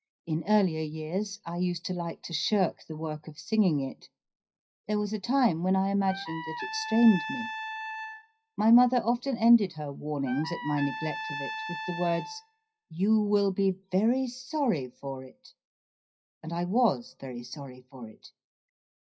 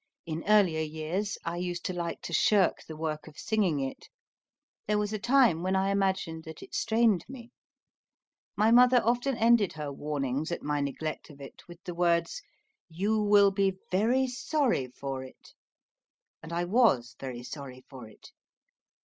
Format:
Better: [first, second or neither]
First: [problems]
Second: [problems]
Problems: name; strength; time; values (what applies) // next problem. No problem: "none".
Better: second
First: noise reduction (classical method WPE with log-MMSE)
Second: none